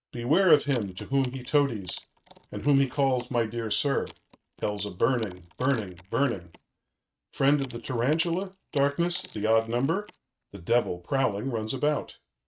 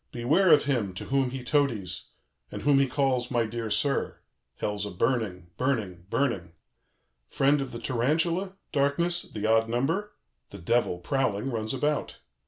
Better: second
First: noise reduction (neural mask model RNNoise)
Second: none

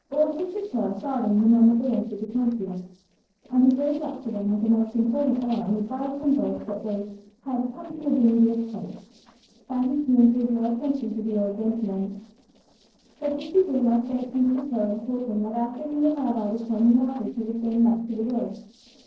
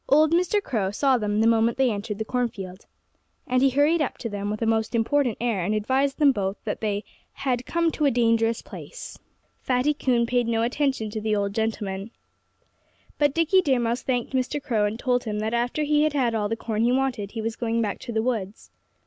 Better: second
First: noise reduction (neural separator model SepFormer DNS4)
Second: none

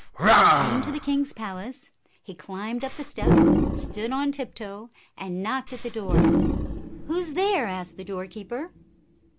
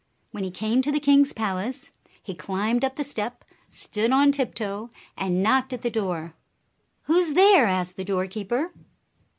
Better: second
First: background sound (Animal); 5 dB above the speech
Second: none

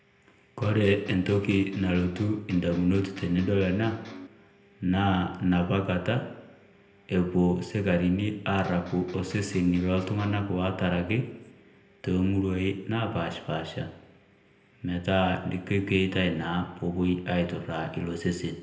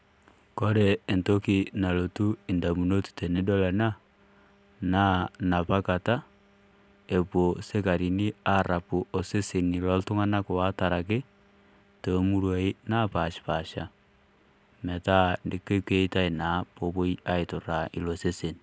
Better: second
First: background sound (Electric guitar); 17 dB below the speech // room echo; dies away in 0.7 s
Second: none

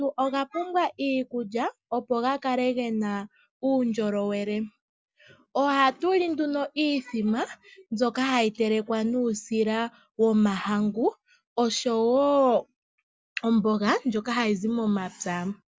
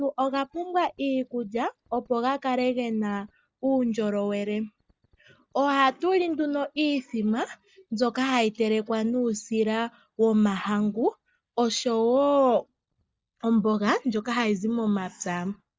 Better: first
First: none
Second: noise reduction (neural mask model DeepFilterNet 3)

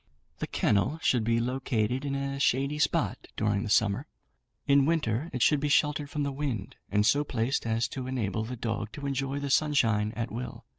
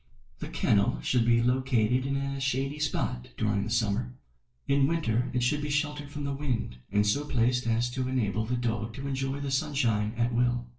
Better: first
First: none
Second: room echo; dies away in 0.3 s

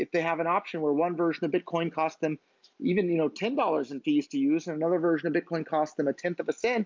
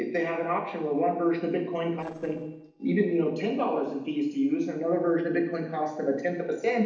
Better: first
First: none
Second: noise reduction (neural separator model SepFormer DNS4)

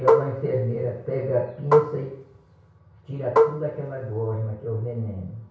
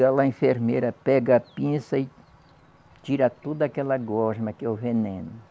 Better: second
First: background sound (Marimba, xylophone); 4 dB above the speech // room echo; dies away in 0.6 s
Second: none

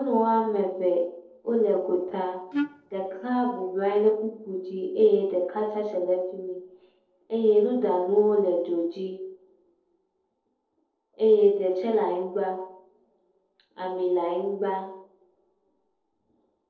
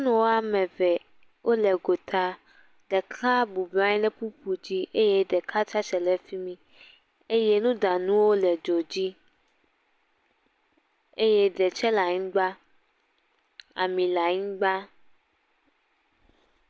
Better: second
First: noise reduction (neural separator model SepFormer DNS4)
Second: none

